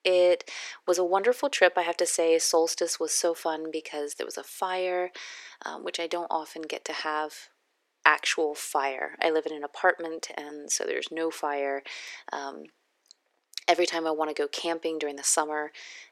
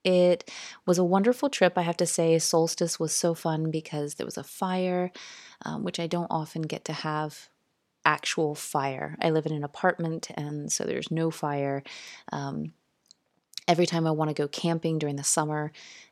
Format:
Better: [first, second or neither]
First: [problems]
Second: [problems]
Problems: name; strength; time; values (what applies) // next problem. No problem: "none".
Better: second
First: thin; very; fading below 350 Hz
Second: none